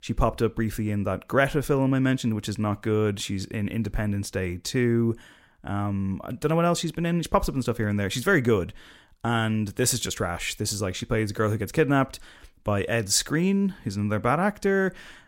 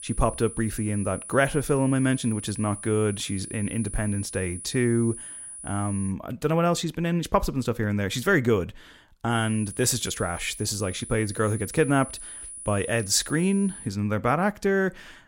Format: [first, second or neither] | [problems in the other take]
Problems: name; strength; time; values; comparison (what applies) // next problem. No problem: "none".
first | high-pitched whine; noticeable; until 6 s and from 9.5 to 14 s; 10 kHz, 10 dB below the speech